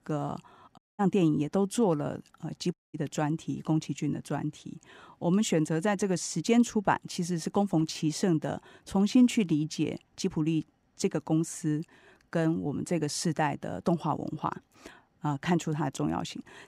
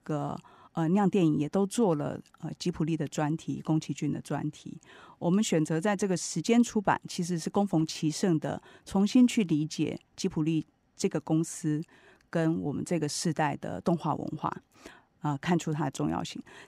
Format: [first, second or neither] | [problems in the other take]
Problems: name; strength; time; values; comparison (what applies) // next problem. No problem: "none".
second | audio cutting out; at 1 s and at 2.5 s